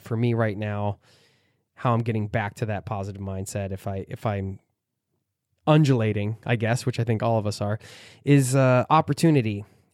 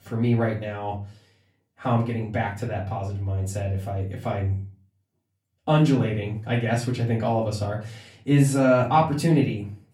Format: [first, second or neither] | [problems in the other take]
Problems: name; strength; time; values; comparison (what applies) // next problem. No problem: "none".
first | room echo; slight; dies away in 0.3 s // off-mic speech; far